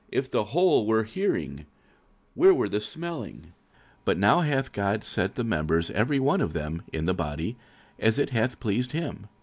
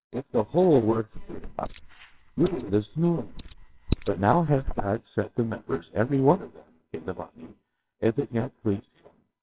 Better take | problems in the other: first | noise reduction (neural separator model SepFormer WHAMR!)

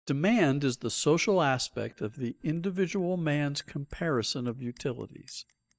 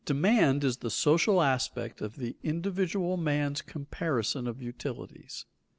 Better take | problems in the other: second | noise reduction (neural mask model DeepFilterNet 3)

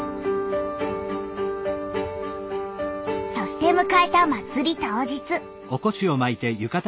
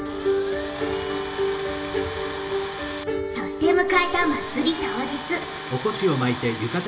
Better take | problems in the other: first | background sound (Tools); 10 dB below the speech // room echo; dies away in 1.9 s

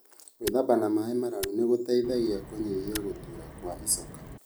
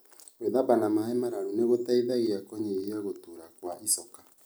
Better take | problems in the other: second | background sound (Tick + Wind); 13 dB below the speech

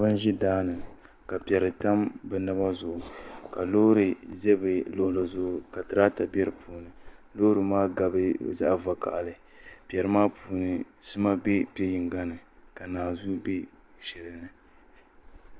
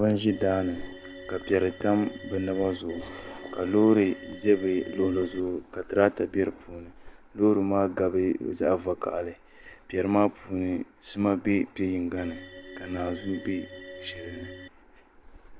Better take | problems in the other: first | background sound (Organ); 15 dB below the speech

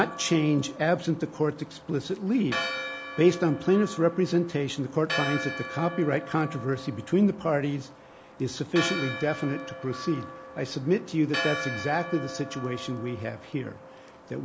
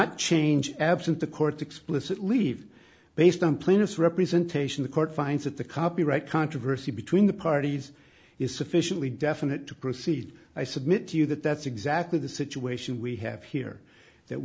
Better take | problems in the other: second | background sound (Church bell); 10 dB below the speech

